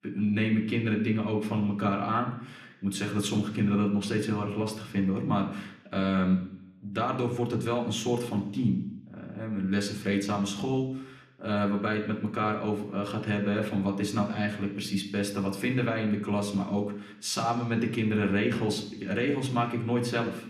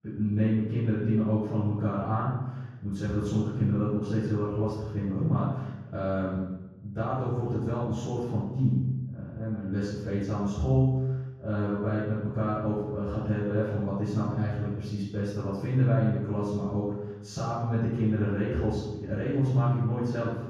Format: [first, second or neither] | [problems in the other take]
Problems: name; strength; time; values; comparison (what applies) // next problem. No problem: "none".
first | room echo; strong; dies away in 1.3 s; slight in the first // off-mic speech; far; somewhat distant in the first